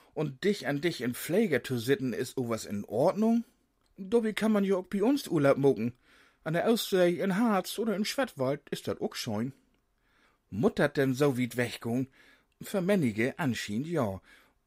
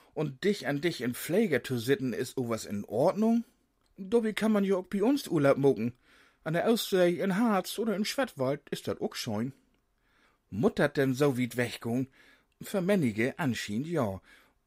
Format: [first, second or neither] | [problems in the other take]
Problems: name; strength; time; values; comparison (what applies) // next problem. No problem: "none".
neither | none